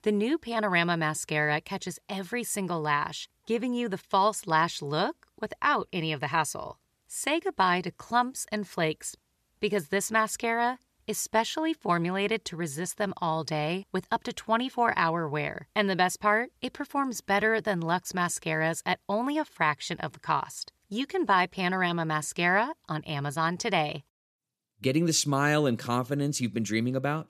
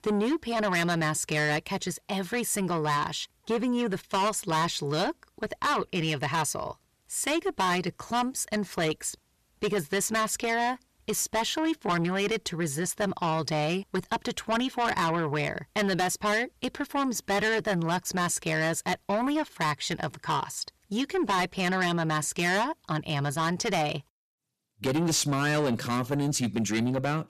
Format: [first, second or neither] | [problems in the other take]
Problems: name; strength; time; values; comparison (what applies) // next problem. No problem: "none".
first | distortion; heavy; 7 dB below the speech